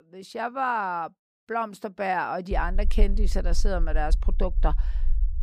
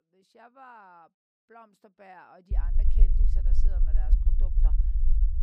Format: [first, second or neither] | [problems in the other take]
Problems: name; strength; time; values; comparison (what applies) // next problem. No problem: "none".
first | low rumble; loud; from 2.5 s on; 2 dB below the speech; faint in the first